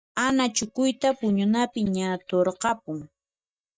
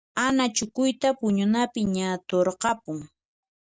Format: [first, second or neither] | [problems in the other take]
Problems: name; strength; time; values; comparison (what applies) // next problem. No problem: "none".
second | noise reduction (neural mask model DeepFilterNet 3)